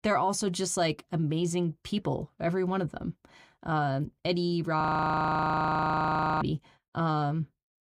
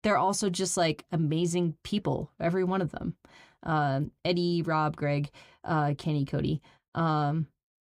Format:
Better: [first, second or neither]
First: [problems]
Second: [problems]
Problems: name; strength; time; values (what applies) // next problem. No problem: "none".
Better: second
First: audio freezing; at 5 s for 1.5 s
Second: none